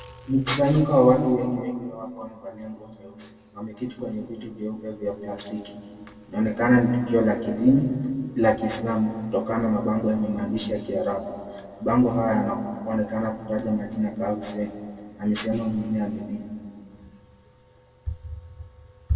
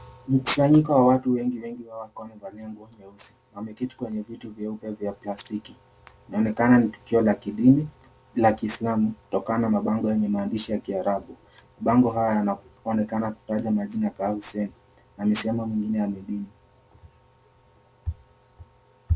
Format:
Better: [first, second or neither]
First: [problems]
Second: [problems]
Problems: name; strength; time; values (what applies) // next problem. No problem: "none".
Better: second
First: room echo; dies away in 1.7 s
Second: none